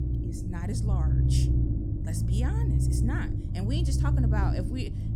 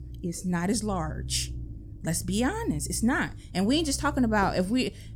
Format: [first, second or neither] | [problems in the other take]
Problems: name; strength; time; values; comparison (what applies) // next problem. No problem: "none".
second | low rumble; loud; throughout; as loud as the speech; faint in the second